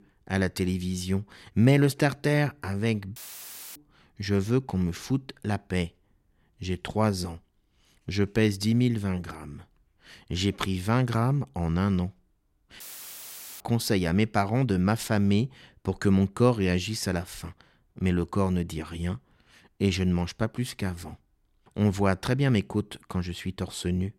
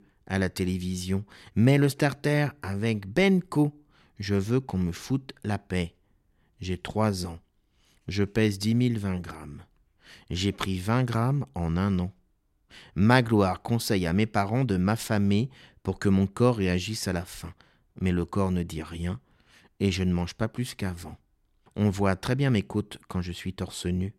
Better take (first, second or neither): second